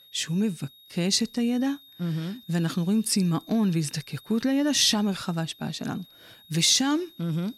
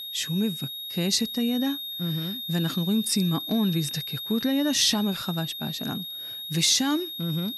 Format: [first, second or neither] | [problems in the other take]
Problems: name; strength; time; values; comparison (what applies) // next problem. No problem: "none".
first | high-pitched whine; loud; throughout; 3.5 kHz, 6 dB below the speech; faint in the first